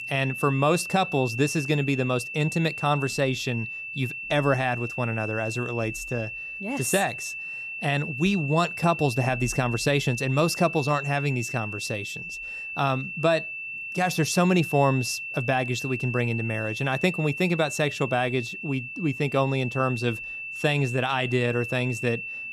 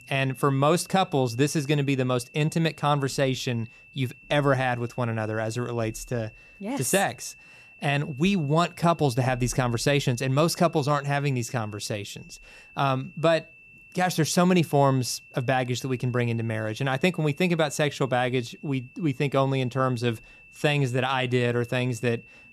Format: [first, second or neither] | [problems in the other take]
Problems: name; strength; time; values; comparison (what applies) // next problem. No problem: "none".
second | high-pitched whine; loud; throughout; 2.5 kHz, 7 dB below the speech; faint in the second